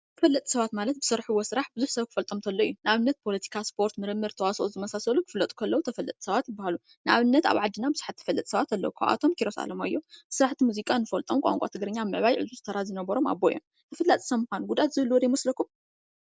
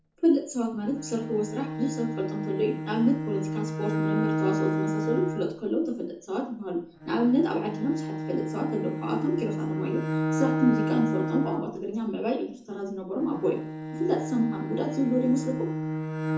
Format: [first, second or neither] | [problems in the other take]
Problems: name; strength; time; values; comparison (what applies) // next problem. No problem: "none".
first | background sound (Bowed string instrument); 3 dB below the speech // room echo; dies away in 0.5 s